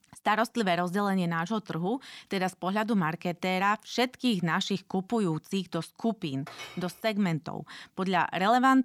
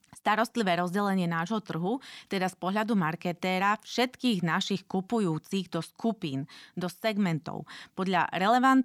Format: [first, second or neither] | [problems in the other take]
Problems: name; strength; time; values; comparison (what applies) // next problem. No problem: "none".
second | clattering dishes; faint; at 6.5 s; peak 15 dB below the speech